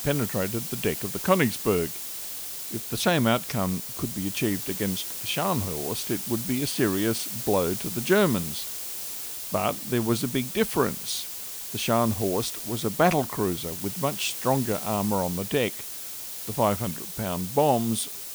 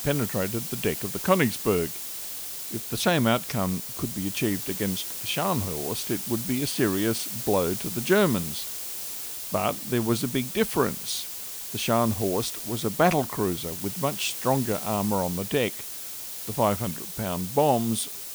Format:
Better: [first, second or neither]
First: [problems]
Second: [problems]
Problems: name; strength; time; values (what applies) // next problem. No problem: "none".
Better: neither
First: hiss; loud; throughout; 5 dB below the speech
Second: hiss; loud; throughout; 5 dB below the speech